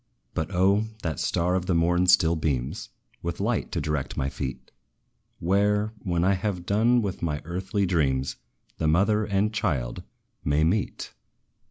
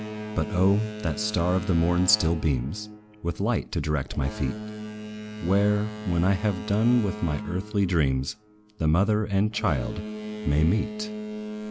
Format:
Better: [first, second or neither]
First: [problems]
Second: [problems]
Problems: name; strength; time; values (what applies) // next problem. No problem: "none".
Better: first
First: none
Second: background sound (Boat, Water vehicle); 11 dB below the speech